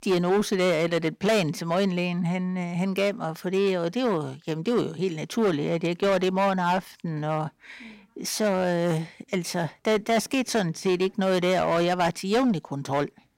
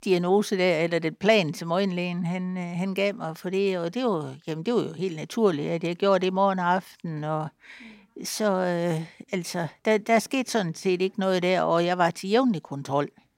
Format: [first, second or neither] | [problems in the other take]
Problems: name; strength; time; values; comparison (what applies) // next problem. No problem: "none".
second | distortion; slight; 9% of the sound clipped